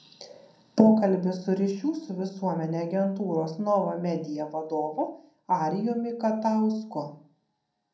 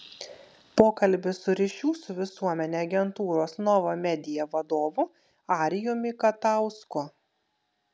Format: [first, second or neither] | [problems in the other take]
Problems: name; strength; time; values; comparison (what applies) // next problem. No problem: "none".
second | room echo; dies away in 0.5 s